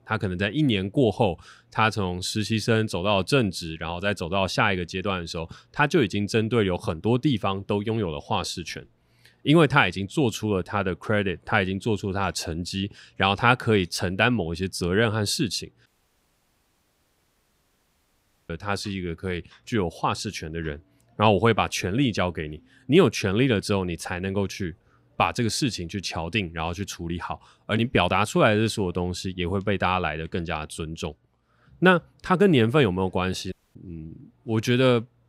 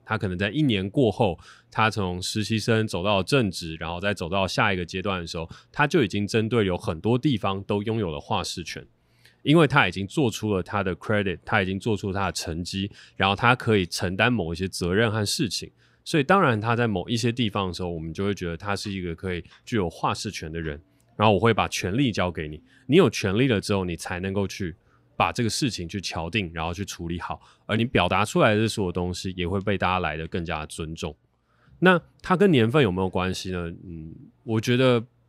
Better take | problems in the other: second | audio cutting out; at 16 s for 2.5 s and at 34 s

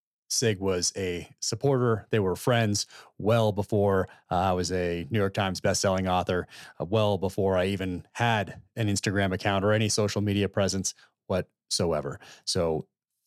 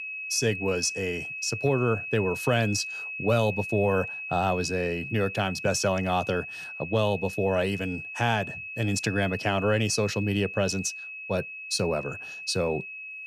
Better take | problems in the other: first | high-pitched whine; loud; throughout; 2.5 kHz, 7 dB below the speech

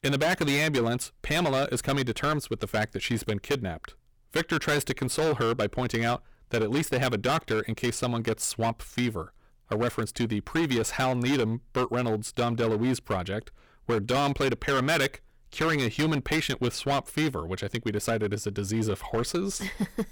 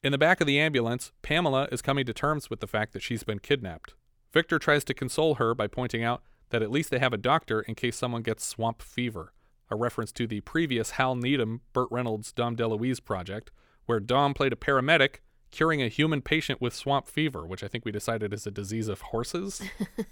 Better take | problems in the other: second | distortion; heavy; 13% of the sound clipped

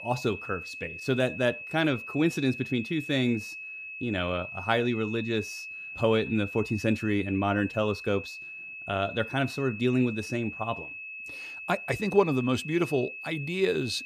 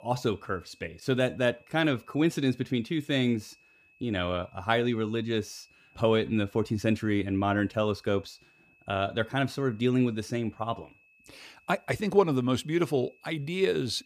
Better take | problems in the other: second | high-pitched whine; loud; throughout; 2.5 kHz, 9 dB below the speech; faint in the second

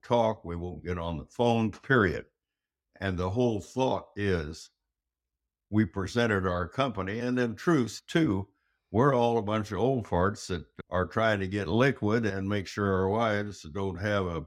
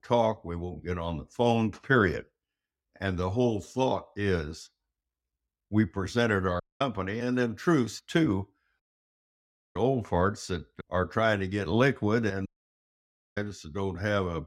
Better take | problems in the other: first | audio cutting out; at 6.5 s, at 9 s for 1 s and at 12 s for 1 s

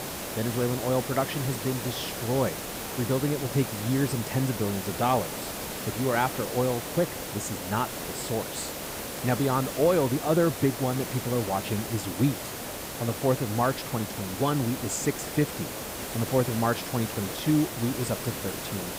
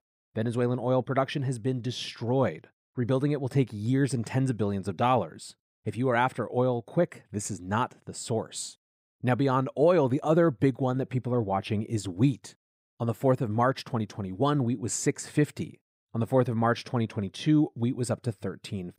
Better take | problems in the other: second | hiss; loud; throughout; 5 dB below the speech

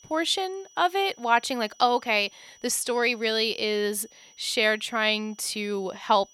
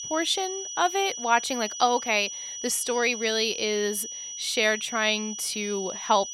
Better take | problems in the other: first | high-pitched whine; loud; throughout; 6 kHz, 8 dB below the speech; faint in the first

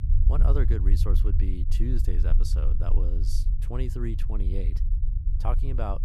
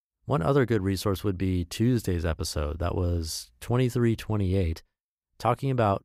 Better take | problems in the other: second | low rumble; loud; throughout; 7 dB below the speech

